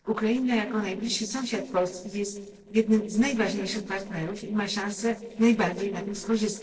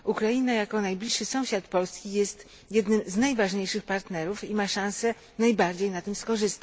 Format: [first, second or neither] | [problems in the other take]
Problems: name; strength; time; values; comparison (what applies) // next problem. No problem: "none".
second | noise reduction (neural separator model SepFormer DNS4)